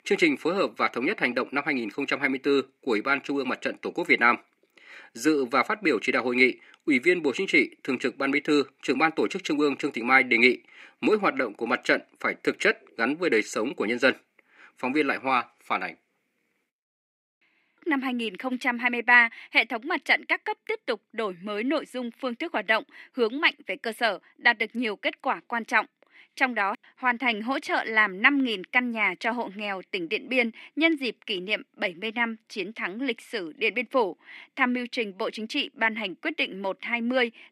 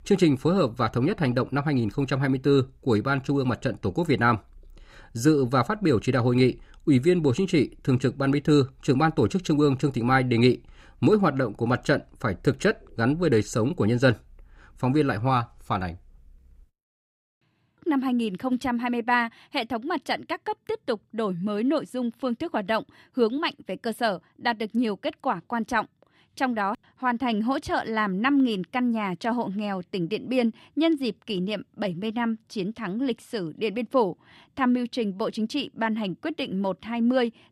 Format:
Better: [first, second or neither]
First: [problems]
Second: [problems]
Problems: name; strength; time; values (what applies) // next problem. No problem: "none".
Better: second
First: thin; very slightly; fading below 250 Hz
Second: none